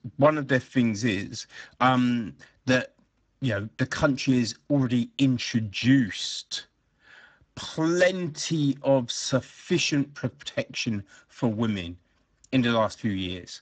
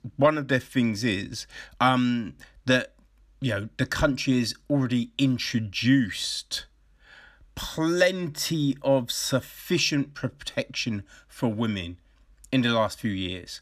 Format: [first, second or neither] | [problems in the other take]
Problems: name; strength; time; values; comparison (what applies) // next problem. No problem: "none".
second | garbled, watery; badly; nothing above 7.5 kHz